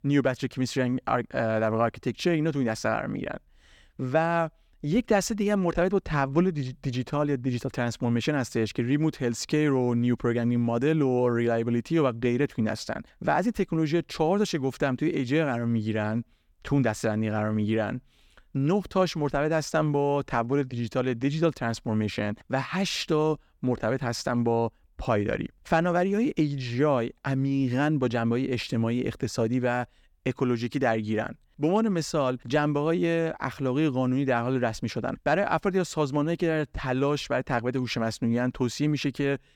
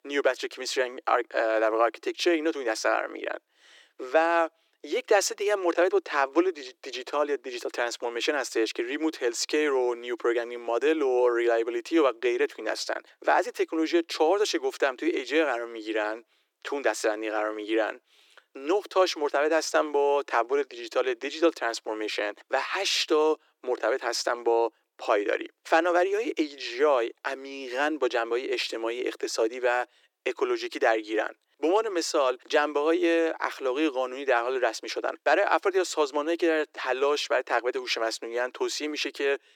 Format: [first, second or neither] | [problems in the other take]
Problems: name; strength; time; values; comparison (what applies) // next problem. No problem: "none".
first | thin; very; fading below 350 Hz